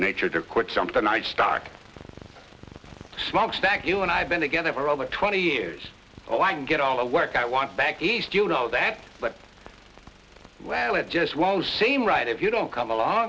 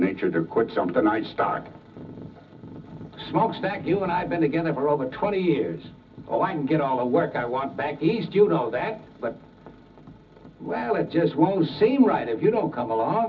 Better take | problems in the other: first | room echo; dies away in 0.4 s

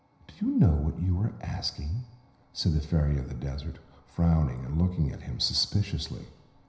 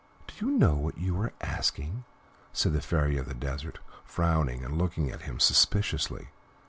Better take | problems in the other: second | room echo; dies away in 0.9 s

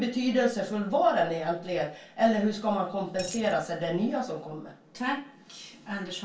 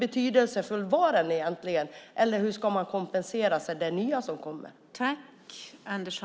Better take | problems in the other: second | background sound (Coin (dropping)); 11 dB below the speech // room echo; dies away in 0.2 s

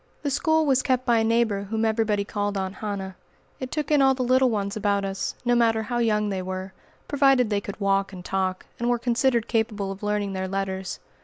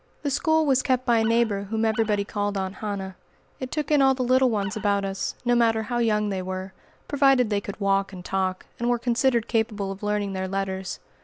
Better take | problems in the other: first | background sound (Animal); 19 dB below the speech

